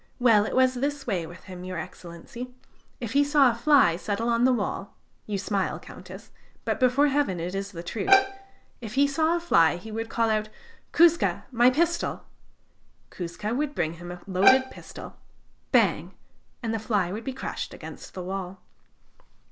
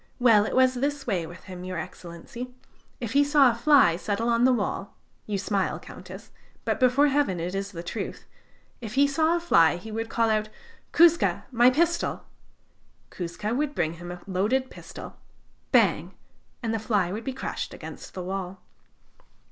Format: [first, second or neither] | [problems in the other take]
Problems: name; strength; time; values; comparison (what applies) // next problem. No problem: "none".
second | background sound (Bowed string instrument); as loud as the speech